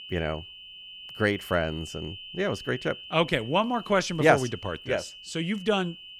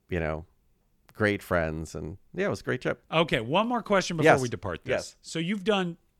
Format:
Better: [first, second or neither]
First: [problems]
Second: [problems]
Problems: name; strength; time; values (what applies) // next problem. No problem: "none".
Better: second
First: high-pitched whine; noticeable; throughout; 3 kHz, 15 dB below the speech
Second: none